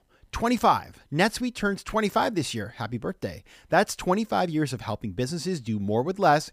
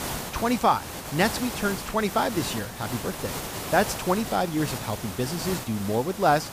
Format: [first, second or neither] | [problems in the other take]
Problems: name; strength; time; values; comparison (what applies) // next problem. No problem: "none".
first | hiss; loud; throughout; 7 dB below the speech